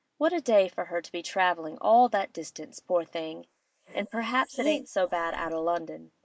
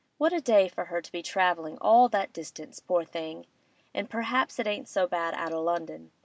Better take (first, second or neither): second